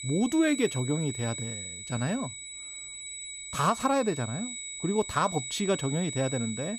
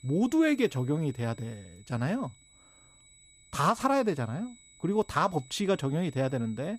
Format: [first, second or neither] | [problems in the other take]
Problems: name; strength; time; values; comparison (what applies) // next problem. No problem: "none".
second | high-pitched whine; loud; throughout; 8 kHz, 7 dB below the speech; faint in the second